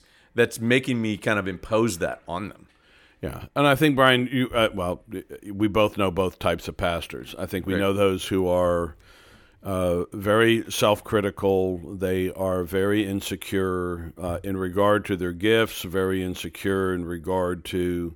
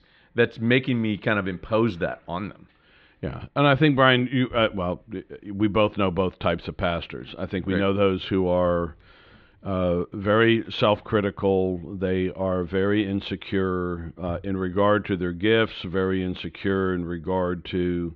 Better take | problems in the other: first | muffled; slightly; fading above 4 kHz

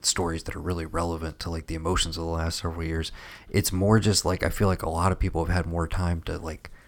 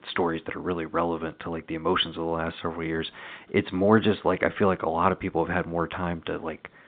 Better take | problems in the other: first | phone-call audio

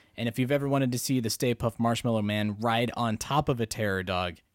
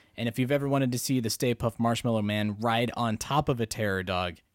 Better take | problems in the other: neither | none

